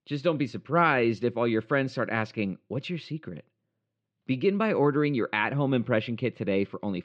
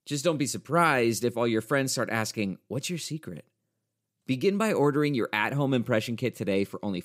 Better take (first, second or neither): second